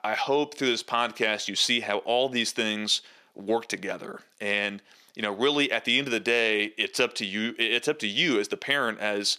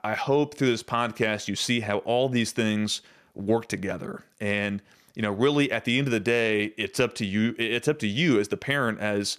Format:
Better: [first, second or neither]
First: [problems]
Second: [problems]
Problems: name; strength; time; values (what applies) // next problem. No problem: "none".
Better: second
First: thin; very slightly; fading below 300 Hz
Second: none